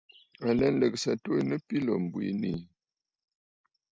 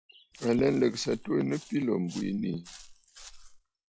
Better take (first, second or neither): first